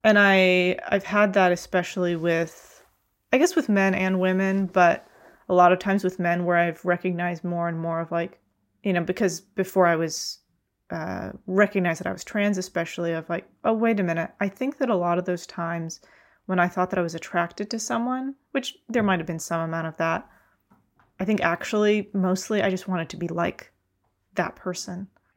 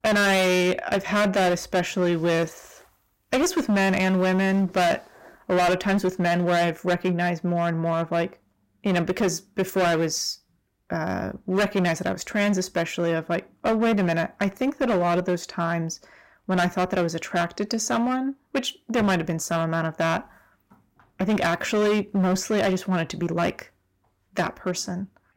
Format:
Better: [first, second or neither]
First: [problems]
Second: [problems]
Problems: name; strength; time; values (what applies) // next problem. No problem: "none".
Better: first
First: none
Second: distortion; heavy; 13% of the sound clipped